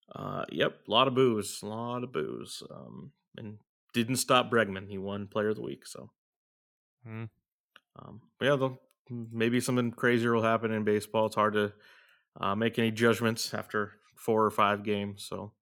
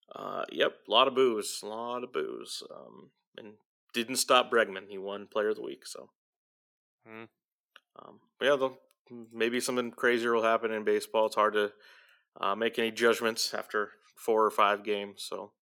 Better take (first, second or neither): first